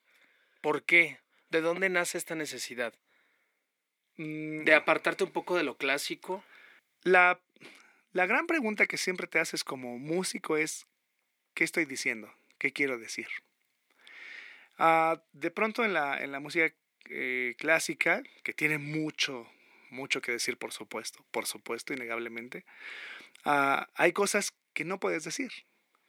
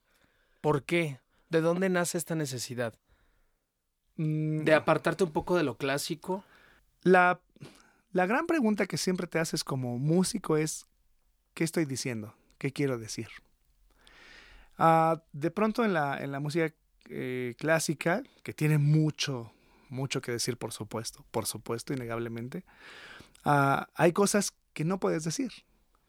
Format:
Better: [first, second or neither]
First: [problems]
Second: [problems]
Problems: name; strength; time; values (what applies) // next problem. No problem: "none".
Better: second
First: thin; somewhat; fading below 250 Hz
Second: none